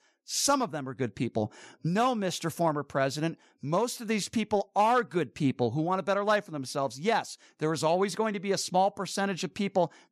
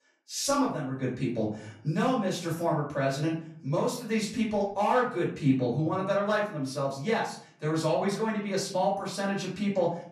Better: first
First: none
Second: off-mic speech; far // room echo; slight; dies away in 0.5 s

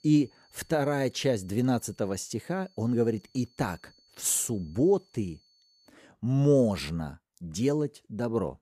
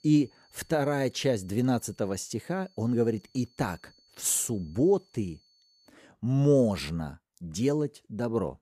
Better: neither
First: high-pitched whine; faint; until 6 s; 4.5 kHz, 35 dB below the speech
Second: high-pitched whine; faint; until 6 s; 4.5 kHz, 35 dB below the speech

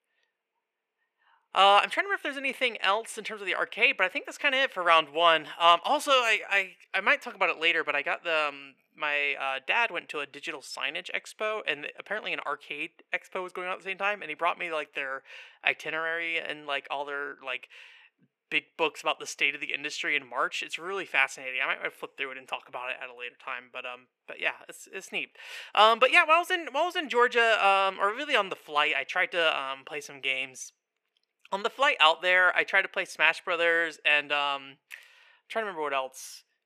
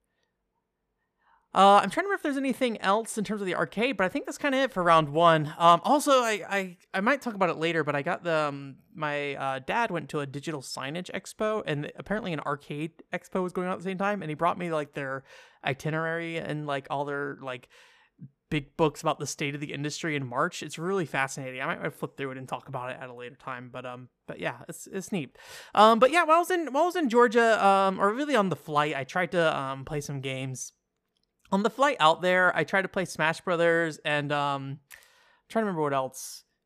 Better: second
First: thin; somewhat; fading below 450 Hz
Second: none

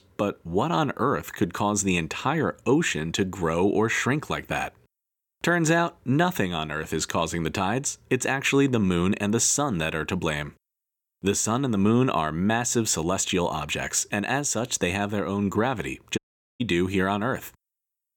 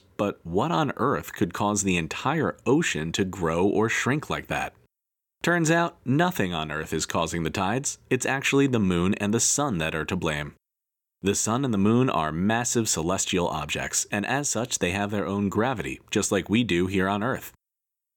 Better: second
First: audio cutting out; at 16 s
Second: none

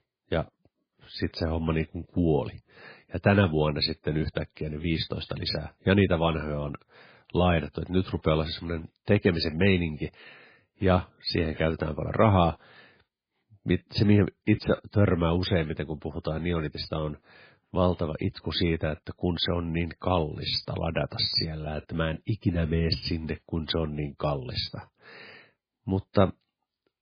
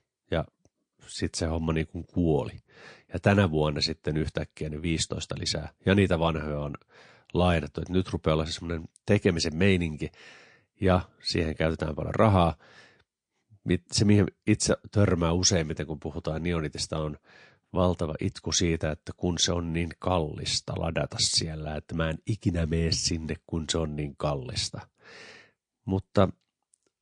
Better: second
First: garbled, watery; badly; nothing above 4.5 kHz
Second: garbled, watery; slightly; nothing above 8.5 kHz

